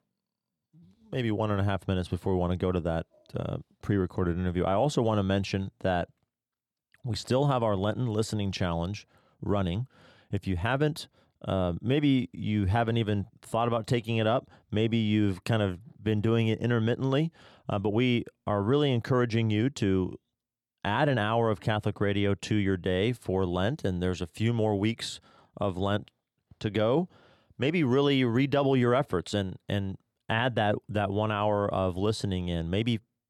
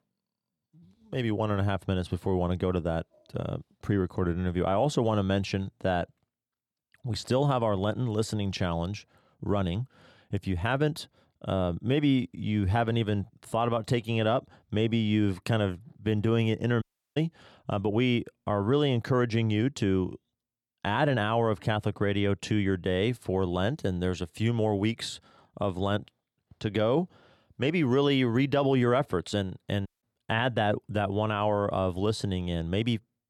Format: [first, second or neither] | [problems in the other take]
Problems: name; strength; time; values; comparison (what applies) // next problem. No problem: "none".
first | audio cutting out; at 17 s and at 30 s